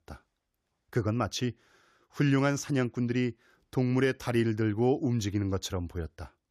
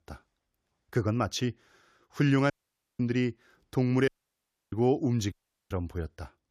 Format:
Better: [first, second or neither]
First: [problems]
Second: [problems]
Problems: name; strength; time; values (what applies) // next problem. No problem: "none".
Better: first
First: none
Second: audio cutting out; at 2.5 s, at 4 s for 0.5 s and at 5.5 s